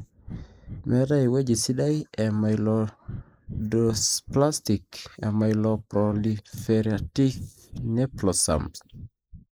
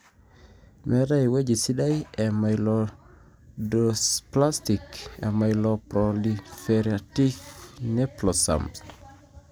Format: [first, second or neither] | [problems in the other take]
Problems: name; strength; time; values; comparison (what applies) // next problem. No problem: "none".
second | noise reduction (neural mask model Resemble Enhance denoiser)